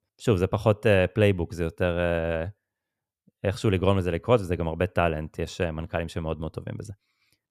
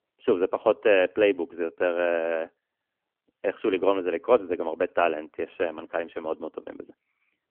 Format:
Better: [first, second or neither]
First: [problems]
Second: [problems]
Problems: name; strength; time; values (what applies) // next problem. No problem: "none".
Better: first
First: none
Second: phone-call audio; nothing above 3 kHz